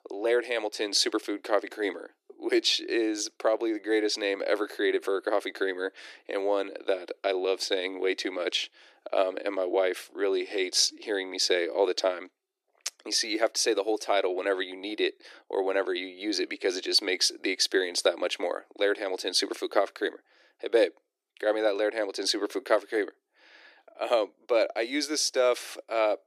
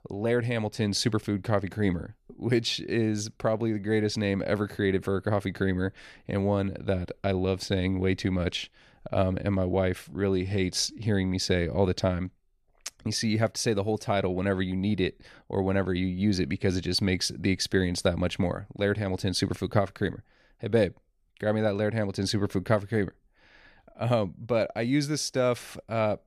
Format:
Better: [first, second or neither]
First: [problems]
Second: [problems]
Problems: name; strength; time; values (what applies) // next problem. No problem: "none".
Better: second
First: thin; very; fading below 300 Hz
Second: none